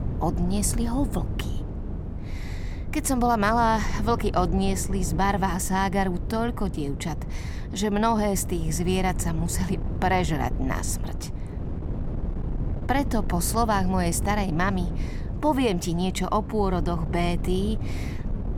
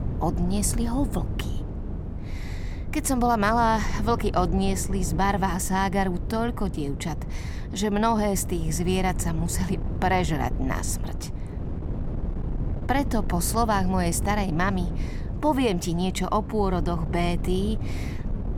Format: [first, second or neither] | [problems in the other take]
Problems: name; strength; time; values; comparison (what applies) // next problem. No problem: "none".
neither | wind noise on the microphone; occasional gusts; 15 dB below the speech; the same in both